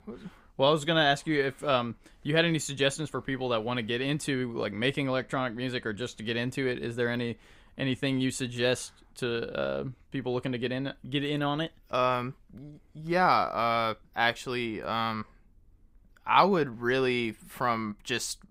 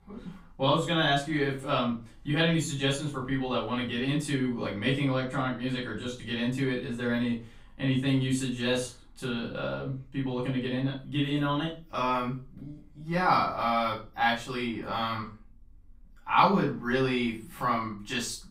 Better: first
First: none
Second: off-mic speech; far // room echo; slight; dies away in 0.3 s

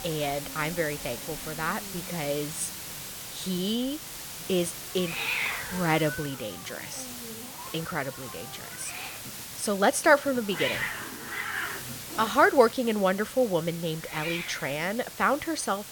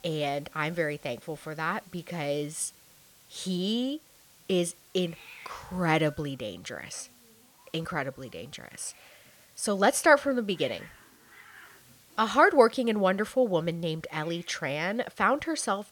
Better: second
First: hiss; loud; throughout; 7 dB below the speech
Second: hiss; faint; throughout; 25 dB below the speech

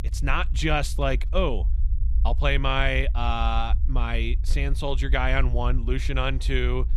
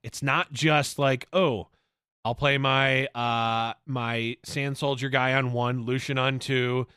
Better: second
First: low rumble; faint; throughout; 20 dB below the speech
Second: none

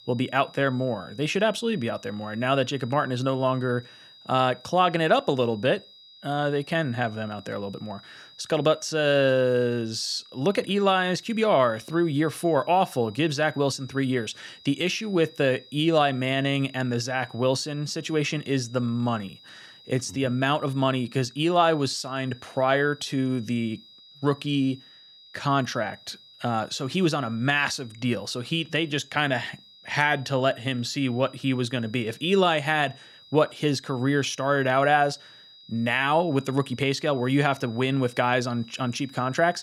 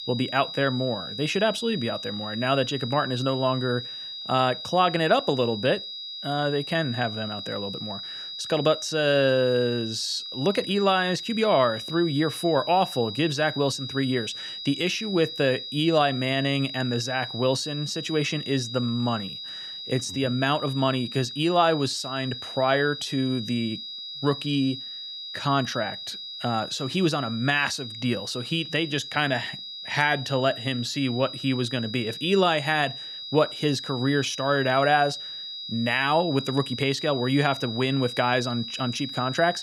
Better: first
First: high-pitched whine; faint; throughout; 4 kHz, 25 dB below the speech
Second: high-pitched whine; loud; throughout; 4 kHz, 8 dB below the speech

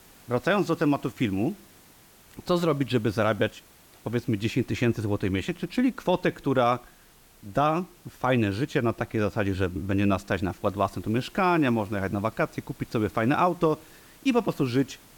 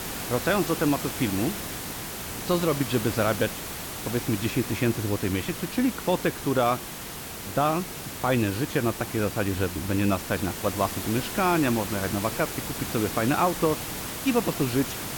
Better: first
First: hiss; faint; throughout; 25 dB below the speech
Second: hiss; loud; throughout; 6 dB below the speech

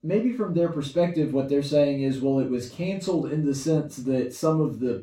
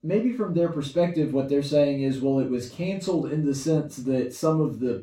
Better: neither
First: room echo; noticeable; dies away in 0.2 s // off-mic speech; far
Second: room echo; noticeable; dies away in 0.2 s // off-mic speech; far

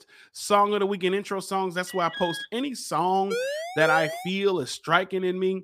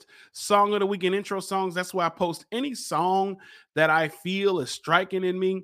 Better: second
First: alarm; noticeable; at 2 s; peak 8 dB below the speech // siren; noticeable; at 3.5 s; peak 4 dB below the speech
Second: none

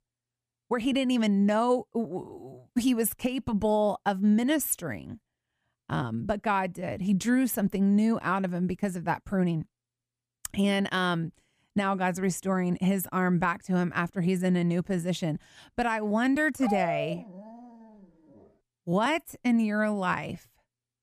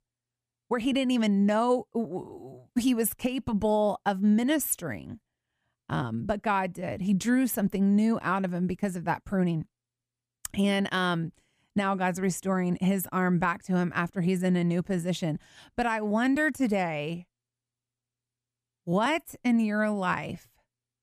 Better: second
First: dog barking; noticeable; from 17 to 18 s; peak 3 dB below the speech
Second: none

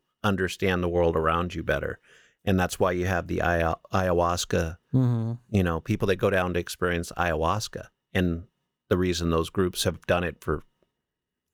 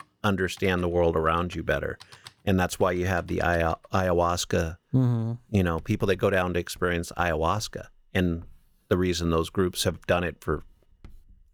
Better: first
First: none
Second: household noises; faint; throughout; 30 dB below the speech

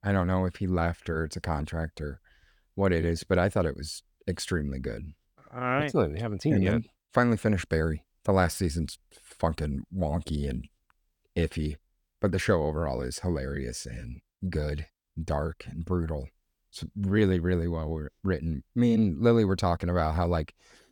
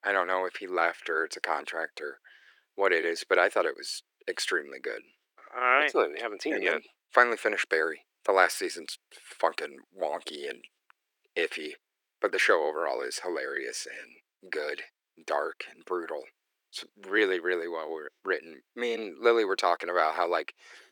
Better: first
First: none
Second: thin; very; fading below 350 Hz

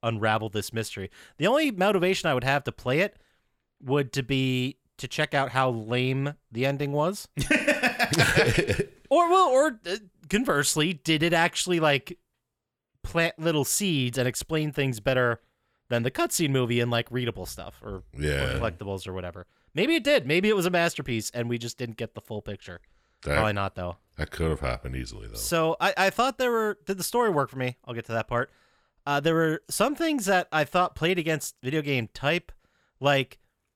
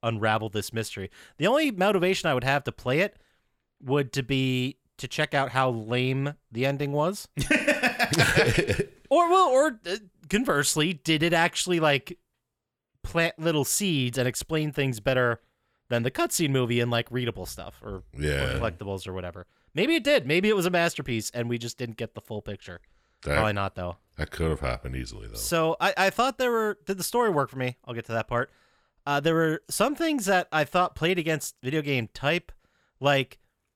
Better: neither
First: none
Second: none

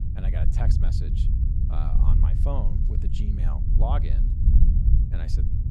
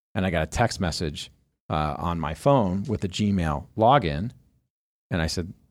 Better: second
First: low rumble; loud; throughout; 1 dB below the speech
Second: none

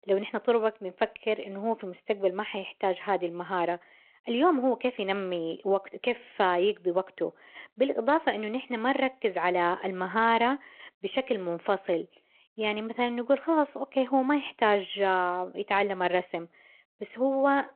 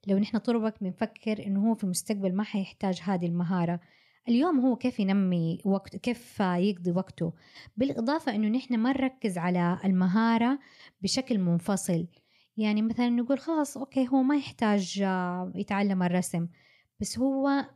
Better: second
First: phone-call audio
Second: none

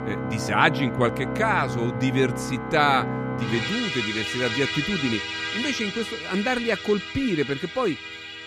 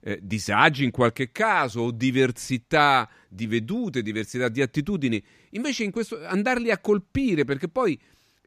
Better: second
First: background music; loud; throughout; 4 dB below the speech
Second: none

